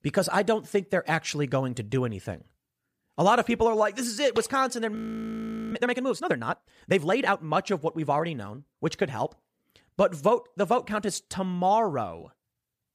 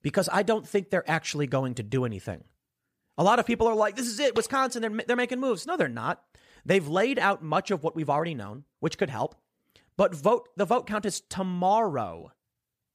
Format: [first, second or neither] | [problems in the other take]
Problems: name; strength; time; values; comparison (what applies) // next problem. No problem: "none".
second | audio freezing; at 5 s for 1 s